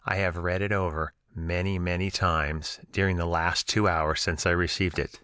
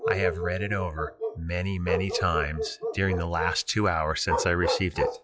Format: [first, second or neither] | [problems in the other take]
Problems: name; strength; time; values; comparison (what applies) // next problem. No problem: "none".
first | noise reduction (classical method log-MMSE)